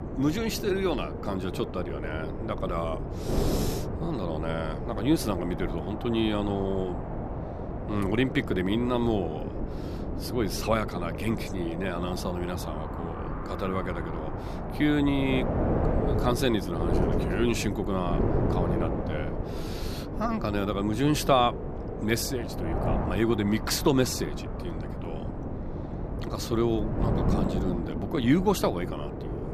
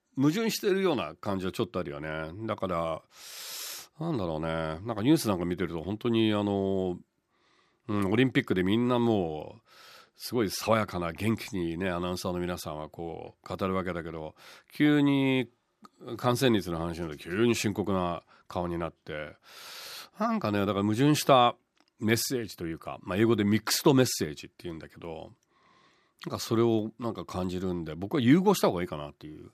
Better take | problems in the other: second | wind noise on the microphone; heavy; 6 dB below the speech

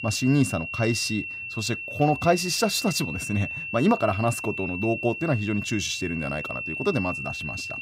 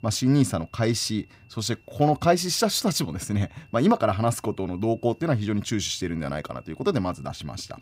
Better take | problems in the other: second | high-pitched whine; loud; throughout; 2.5 kHz, 6 dB below the speech; faint in the second

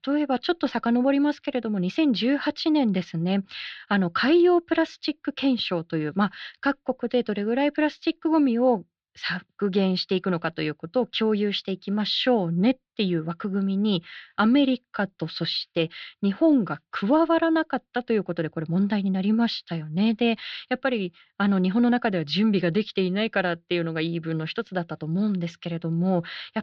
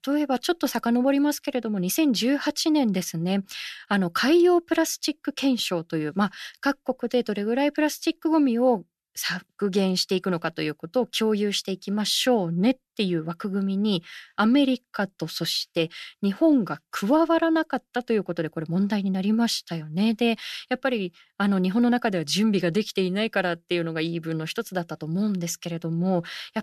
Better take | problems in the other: second | muffled; very slightly; fading above 4 kHz

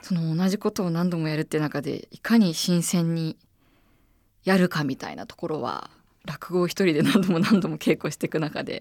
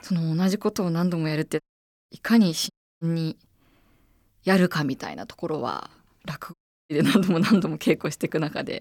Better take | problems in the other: first | audio cutting out; at 1.5 s, at 2.5 s and at 6.5 s

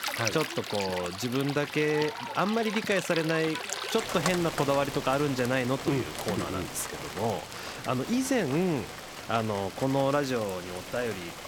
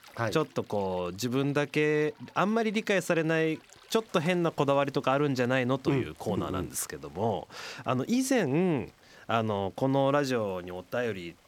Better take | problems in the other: second | rain or running water; loud; throughout; 7 dB below the speech; faint in the second

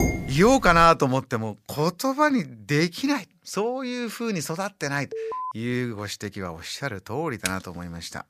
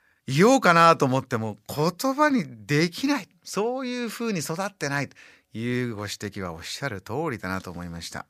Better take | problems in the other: second | clattering dishes; noticeable; at the start; peak 2 dB below the speech // alarm; noticeable; at 5 s; peak 7 dB below the speech // keyboard typing; very faint; at 7.5 s; peak 8 dB below the speech

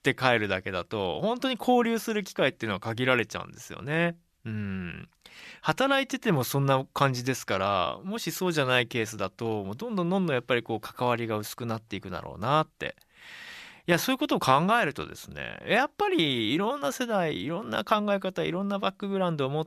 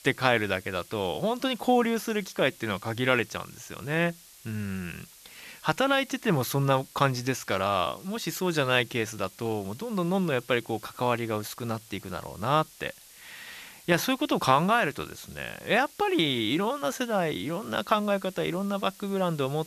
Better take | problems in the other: first | hiss; faint; throughout; 20 dB below the speech

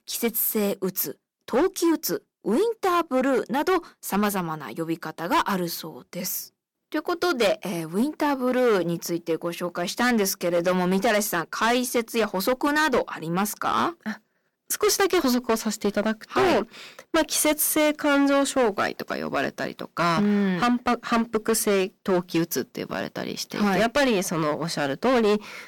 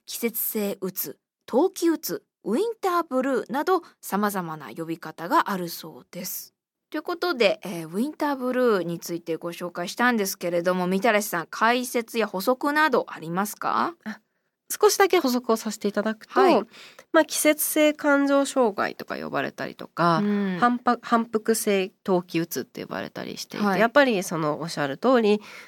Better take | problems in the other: second | distortion; heavy; 10% of the sound clipped

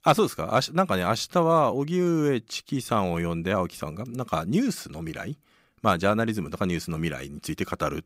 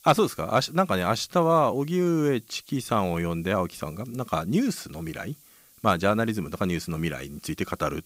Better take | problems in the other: first | hiss; faint; throughout; 25 dB below the speech

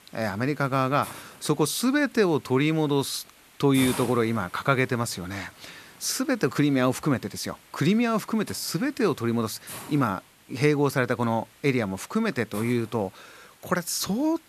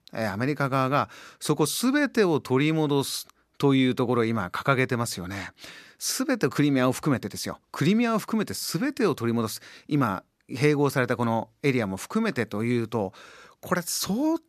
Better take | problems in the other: second | hiss; noticeable; throughout; 20 dB below the speech

